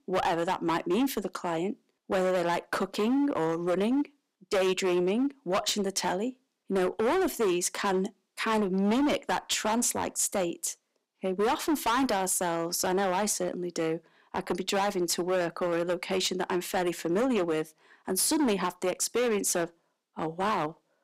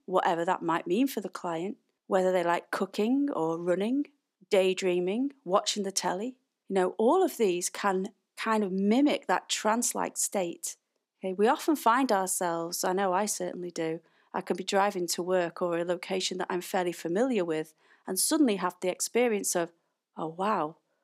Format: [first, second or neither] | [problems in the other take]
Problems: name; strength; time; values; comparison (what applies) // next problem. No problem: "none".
second | distortion; heavy; 14% of the sound clipped